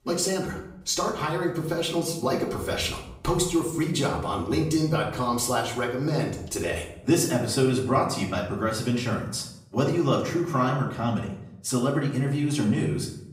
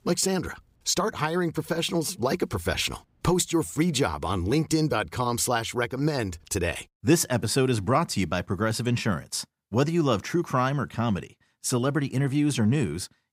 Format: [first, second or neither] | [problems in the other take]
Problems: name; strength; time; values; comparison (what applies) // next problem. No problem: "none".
second | room echo; slight; dies away in 0.6 s // off-mic speech; far